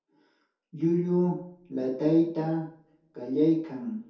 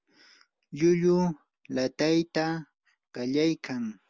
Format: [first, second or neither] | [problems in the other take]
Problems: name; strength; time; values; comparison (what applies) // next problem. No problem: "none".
second | room echo; dies away in 0.6 s